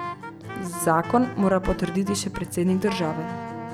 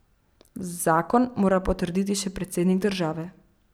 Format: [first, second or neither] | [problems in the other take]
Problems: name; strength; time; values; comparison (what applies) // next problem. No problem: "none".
second | background sound (Acoustic guitar + Wind instrument, woodwind instrument); 9 dB below the speech